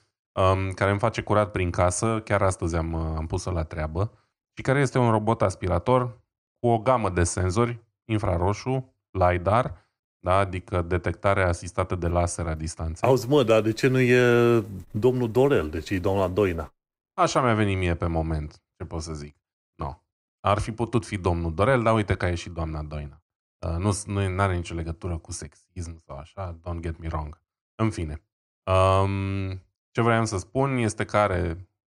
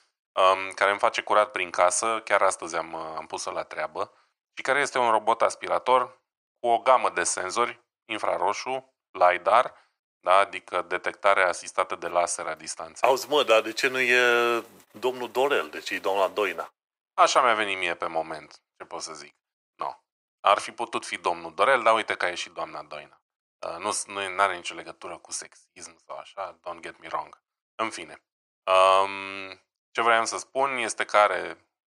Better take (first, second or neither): first